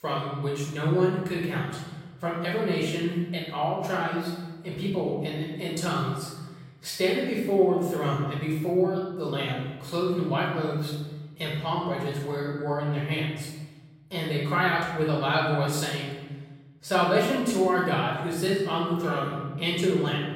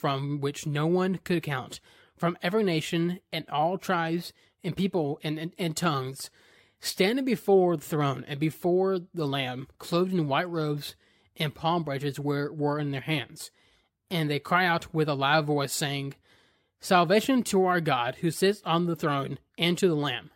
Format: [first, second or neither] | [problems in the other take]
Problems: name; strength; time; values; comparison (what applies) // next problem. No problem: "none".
second | off-mic speech; far // room echo; noticeable; dies away in 1 s